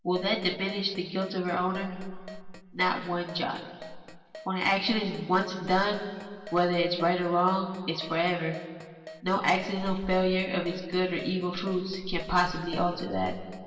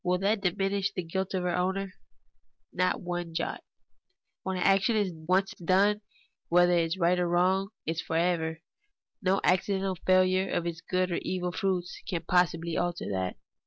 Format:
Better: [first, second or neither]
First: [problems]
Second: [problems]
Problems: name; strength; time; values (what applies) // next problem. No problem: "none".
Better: second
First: background sound (Keyboard (musical)); 20 dB below the speech // room echo; dies away in 2.1 s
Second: none